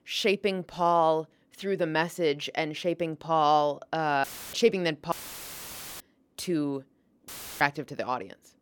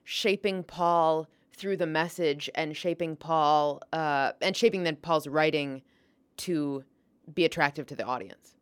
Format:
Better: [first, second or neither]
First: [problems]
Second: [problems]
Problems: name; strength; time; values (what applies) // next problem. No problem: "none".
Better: second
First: audio cutting out; filled with static; at 4 s, at 5 s for 1 s and at 7.5 s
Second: none